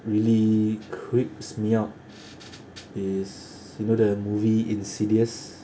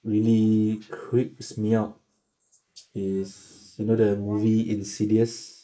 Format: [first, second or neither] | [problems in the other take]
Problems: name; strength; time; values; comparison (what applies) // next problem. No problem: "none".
first | noise reduction (neural mask model Resemble Enhance denoiser)